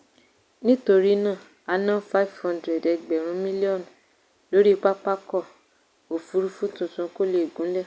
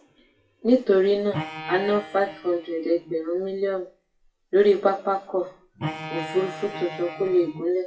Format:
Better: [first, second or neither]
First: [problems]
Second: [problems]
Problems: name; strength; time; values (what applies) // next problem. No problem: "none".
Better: first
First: none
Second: noise reduction (classical method WPE with log-MMSE)